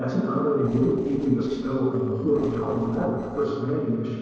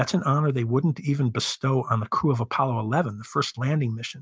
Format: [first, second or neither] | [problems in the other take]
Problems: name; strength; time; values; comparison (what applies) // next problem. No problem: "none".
second | noise reduction (neural separator model SepFormer DNS4)